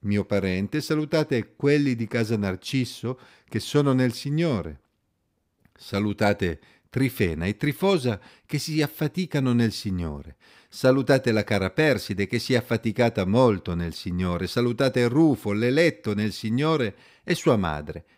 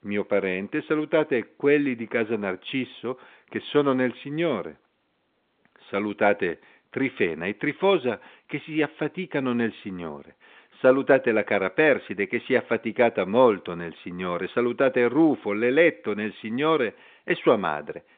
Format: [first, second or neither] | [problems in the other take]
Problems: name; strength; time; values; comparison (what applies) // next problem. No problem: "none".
first | phone-call audio